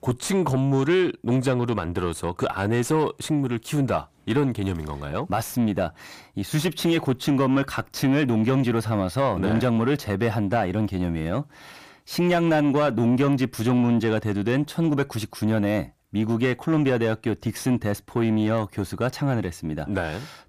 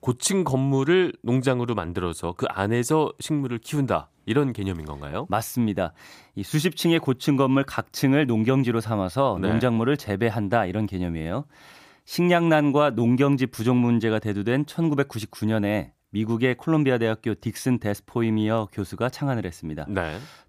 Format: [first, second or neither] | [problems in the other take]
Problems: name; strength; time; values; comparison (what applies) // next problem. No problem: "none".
second | distortion; slight; 10 dB below the speech